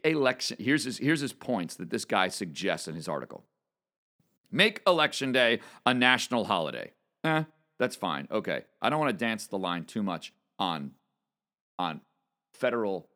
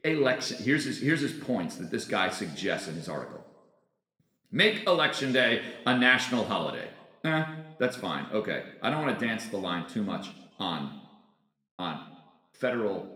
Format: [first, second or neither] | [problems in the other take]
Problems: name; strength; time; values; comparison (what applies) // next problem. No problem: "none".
first | room echo; slight; dies away in 0.8 s